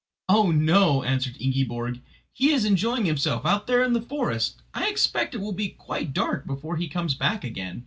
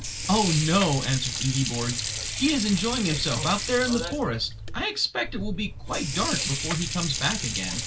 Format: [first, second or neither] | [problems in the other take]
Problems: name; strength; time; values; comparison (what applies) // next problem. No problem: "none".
first | background sound (Sink (filling or washing) / Water); 4 dB below the speech